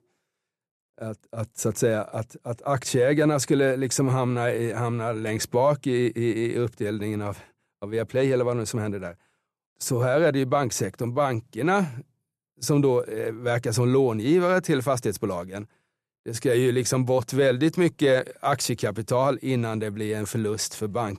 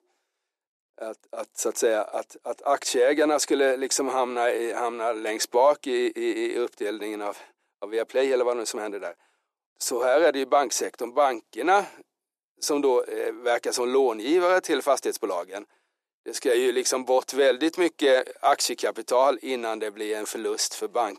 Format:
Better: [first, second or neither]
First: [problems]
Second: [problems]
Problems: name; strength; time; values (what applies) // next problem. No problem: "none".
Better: first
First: none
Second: thin; somewhat; fading below 300 Hz